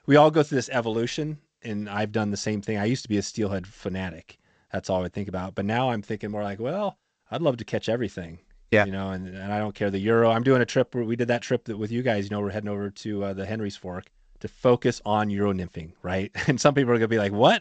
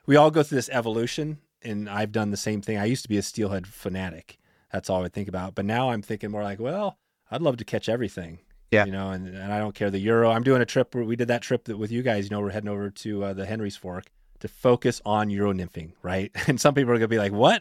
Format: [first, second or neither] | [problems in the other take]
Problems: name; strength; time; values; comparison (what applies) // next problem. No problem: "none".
second | garbled, watery; slightly; nothing above 8 kHz